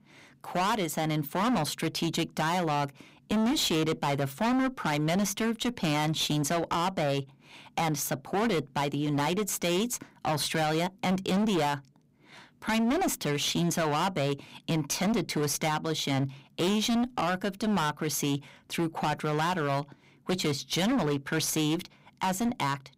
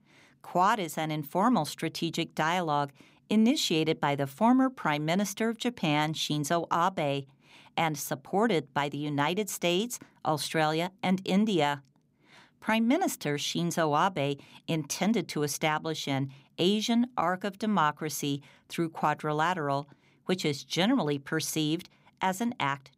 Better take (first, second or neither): second